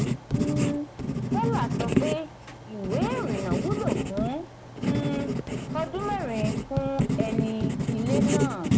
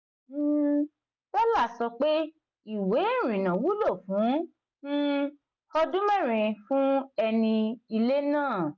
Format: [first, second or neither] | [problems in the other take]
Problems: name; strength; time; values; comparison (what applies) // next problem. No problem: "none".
second | background sound (Writing); 5 dB above the speech